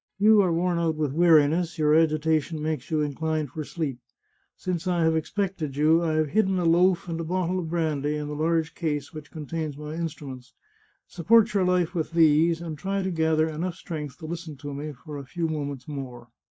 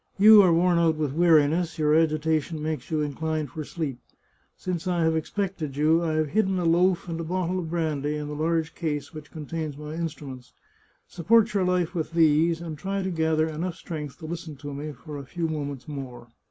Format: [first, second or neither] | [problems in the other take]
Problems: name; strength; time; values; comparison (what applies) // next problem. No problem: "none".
second | noise reduction (neural mask model DeepFilterNet 3)